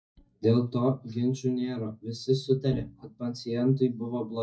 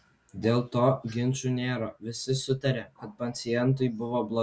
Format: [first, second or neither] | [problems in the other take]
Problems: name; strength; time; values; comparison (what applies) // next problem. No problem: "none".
second | noise reduction (neural mask model DeepFilterNet 3)